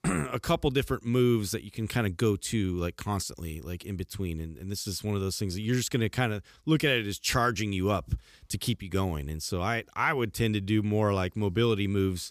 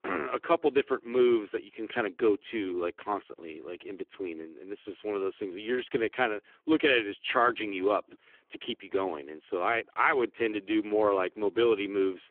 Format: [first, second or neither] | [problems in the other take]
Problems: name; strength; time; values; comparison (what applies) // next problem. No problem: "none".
first | phone-call audio; poor line